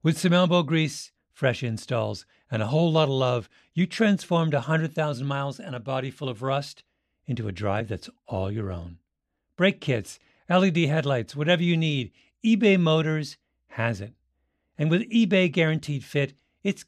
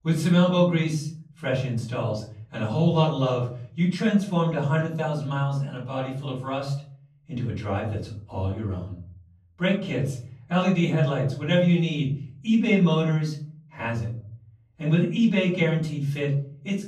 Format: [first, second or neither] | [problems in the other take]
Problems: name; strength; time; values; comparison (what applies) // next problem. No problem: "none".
first | off-mic speech; far // room echo; slight; dies away in 0.6 s